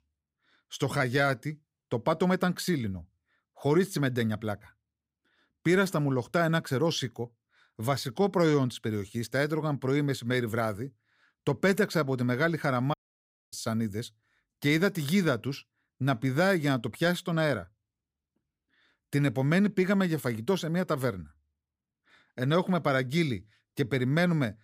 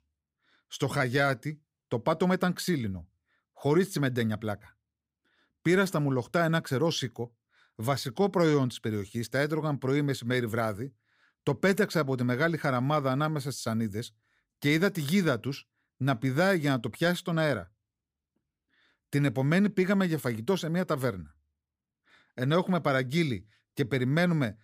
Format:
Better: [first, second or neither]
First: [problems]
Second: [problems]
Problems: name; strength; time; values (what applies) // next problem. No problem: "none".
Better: second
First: audio cutting out; at 13 s for 0.5 s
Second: none